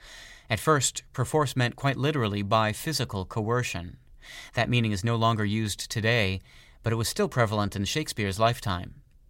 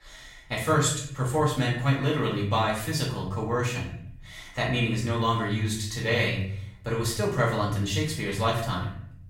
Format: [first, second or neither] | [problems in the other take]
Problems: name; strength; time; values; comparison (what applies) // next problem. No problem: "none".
first | room echo; noticeable; dies away in 0.6 s // off-mic speech; far